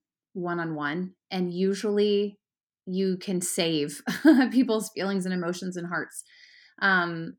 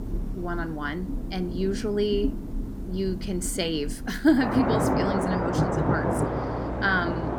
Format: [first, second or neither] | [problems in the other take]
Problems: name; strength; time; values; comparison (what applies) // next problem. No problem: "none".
first | rain or running water; loud; throughout; 2 dB below the speech